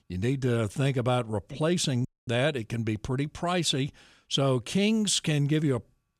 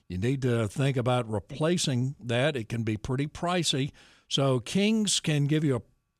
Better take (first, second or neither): second